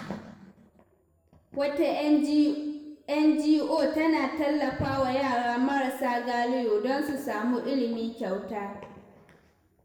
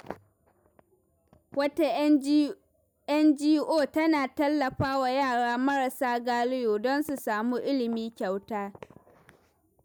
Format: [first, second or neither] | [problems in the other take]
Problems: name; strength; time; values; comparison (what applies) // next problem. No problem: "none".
second | room echo; dies away in 1.1 s